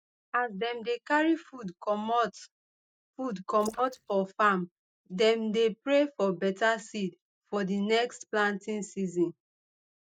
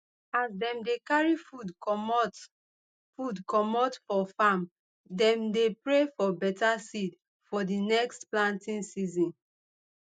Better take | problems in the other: second | noise reduction (neural mask model DeepFilterNet 3)

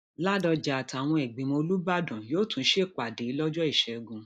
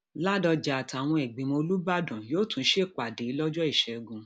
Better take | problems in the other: second | noise reduction (neural mask model DeepFilterNet 3)

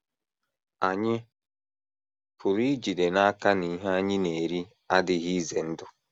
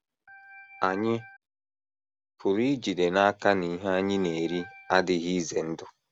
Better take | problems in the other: first | background sound (Organ); 19 dB below the speech

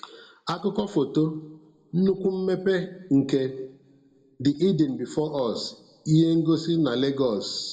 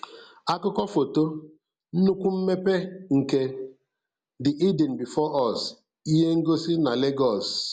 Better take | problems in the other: second | room echo; dies away in 0.7 s

